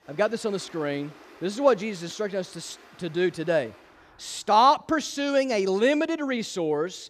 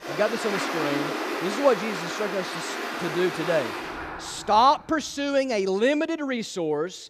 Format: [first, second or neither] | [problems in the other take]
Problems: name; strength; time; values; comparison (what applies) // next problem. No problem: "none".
first | rain or running water; loud; until 4 s; 5 dB below the speech; faint in the first